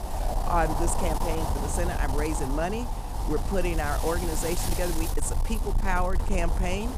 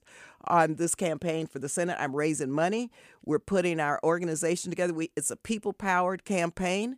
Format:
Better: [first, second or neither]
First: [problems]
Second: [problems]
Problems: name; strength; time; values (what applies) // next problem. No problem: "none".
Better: second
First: wind noise on the microphone; heavy; 4 dB below the speech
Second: none